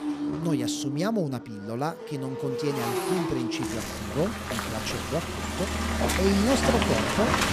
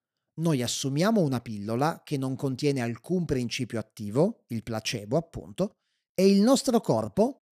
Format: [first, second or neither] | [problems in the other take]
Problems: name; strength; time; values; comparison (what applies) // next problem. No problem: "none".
second | traffic noise; very loud; throughout; 1 dB above the speech